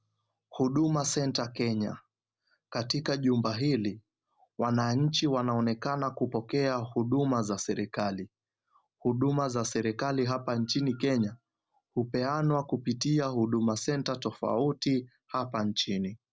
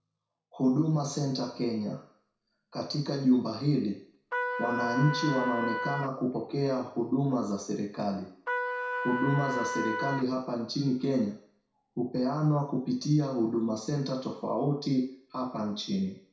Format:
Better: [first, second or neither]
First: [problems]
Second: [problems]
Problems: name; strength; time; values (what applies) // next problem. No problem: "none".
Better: first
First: none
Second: background sound (Trumpet); 3 dB below the speech // room echo; dies away in 0.6 s